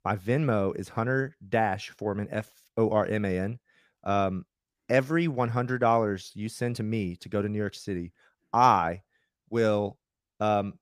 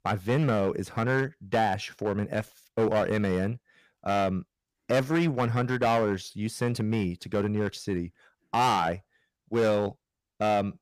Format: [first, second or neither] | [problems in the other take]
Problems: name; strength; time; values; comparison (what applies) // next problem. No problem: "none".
first | distortion; heavy; 6% of the sound clipped